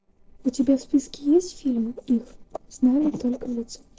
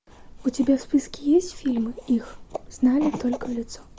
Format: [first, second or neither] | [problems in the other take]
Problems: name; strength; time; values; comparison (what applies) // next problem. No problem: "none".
second | noise reduction (neural separator model SepFormer DNS4)